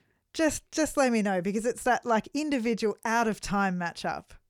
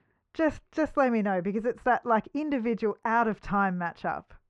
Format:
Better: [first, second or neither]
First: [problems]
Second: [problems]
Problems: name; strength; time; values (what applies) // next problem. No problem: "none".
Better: first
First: none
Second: muffled; very; fading above 2 kHz